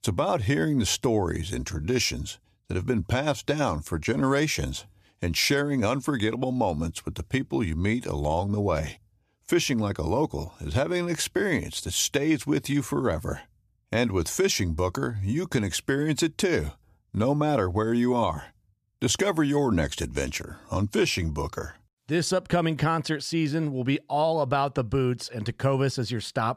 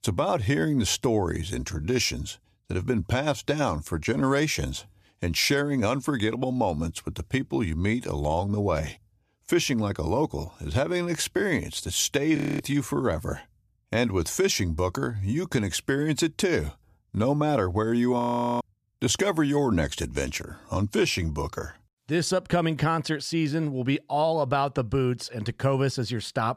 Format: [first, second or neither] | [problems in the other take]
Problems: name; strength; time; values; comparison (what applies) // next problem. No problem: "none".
first | audio freezing; at 12 s and at 18 s